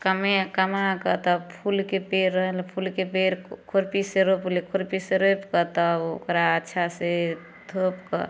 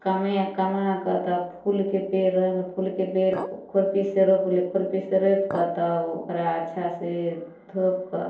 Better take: first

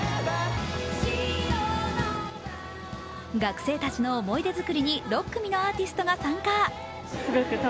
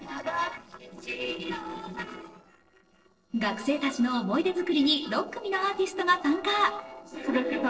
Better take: first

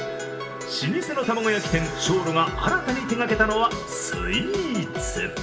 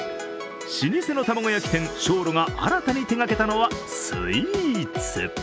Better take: second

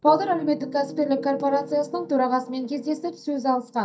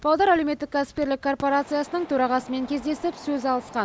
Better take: second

